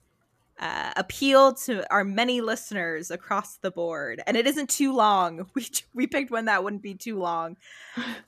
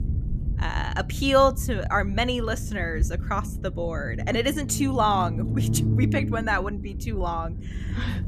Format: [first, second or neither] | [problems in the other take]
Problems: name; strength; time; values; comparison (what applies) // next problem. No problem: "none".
first | low rumble; noticeable; throughout; 15 dB below the speech